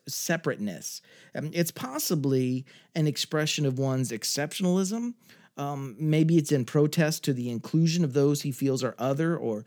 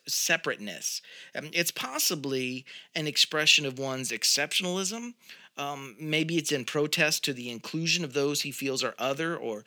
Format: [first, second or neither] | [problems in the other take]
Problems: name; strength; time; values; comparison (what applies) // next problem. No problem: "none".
first | thin; somewhat; fading below 650 Hz